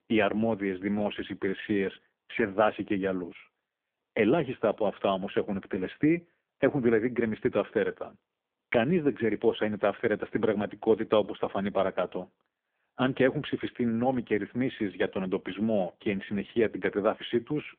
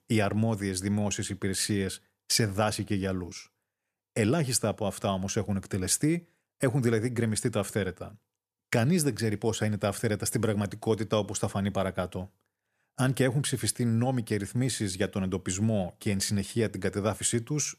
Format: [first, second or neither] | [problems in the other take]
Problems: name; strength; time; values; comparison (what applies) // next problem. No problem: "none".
second | phone-call audio; poor line; nothing above 3.5 kHz